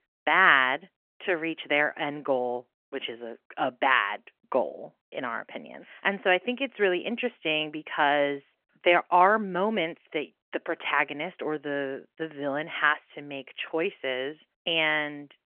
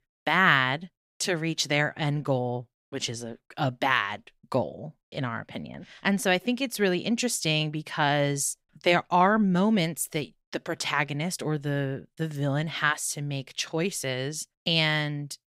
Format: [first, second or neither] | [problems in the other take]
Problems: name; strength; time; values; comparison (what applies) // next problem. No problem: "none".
second | phone-call audio; nothing above 3 kHz